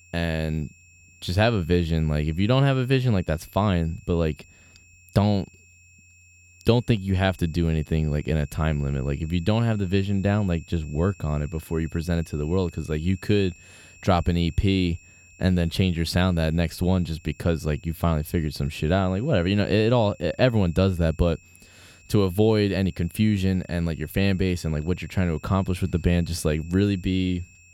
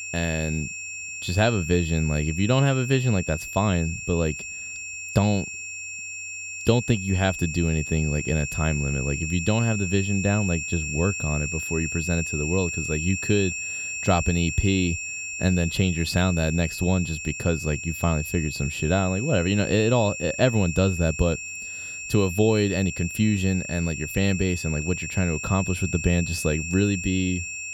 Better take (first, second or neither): first